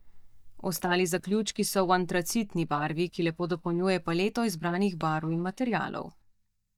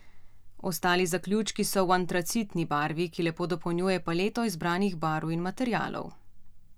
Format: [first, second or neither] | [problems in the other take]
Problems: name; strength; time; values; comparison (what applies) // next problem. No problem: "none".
second | noise reduction (neural mask model DeepFilterNet 3)